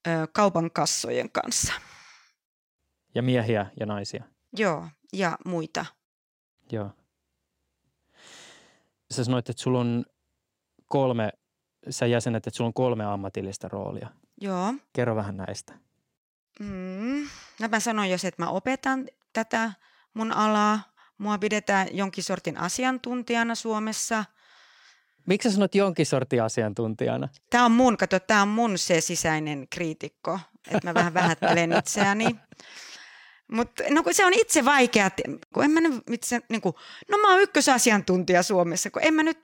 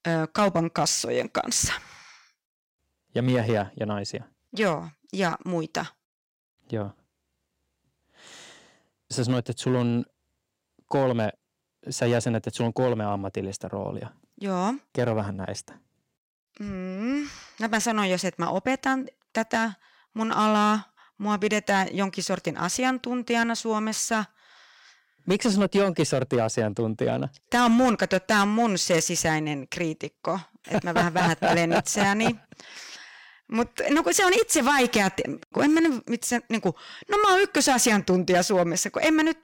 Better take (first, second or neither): first